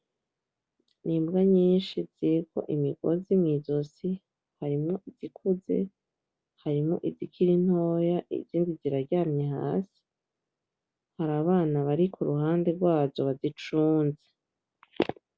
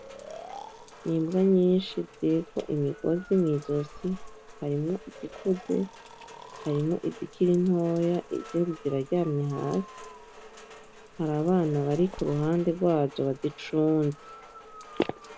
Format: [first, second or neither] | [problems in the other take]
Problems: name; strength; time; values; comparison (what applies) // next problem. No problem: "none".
first | background sound (Rain + Breathing); 18 dB below the speech